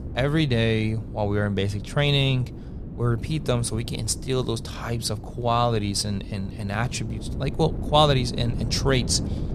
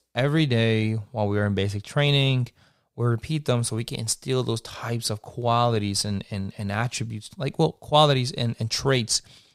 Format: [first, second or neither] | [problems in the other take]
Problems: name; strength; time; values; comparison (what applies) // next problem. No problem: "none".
second | wind noise on the microphone; occasional gusts; 15 dB below the speech